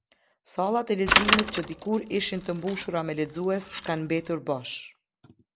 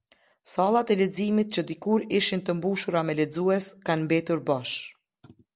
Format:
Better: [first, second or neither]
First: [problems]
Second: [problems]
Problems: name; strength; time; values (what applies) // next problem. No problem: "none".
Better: second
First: background sound (Bicycle); as loud as the speech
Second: none